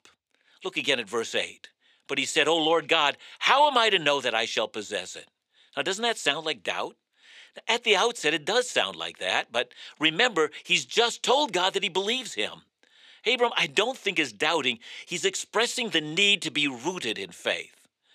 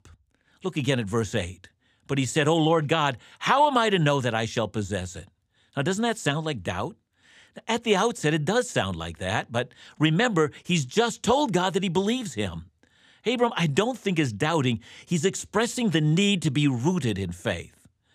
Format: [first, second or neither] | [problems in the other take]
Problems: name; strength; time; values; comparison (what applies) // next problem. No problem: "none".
second | thin; somewhat; fading below 450 Hz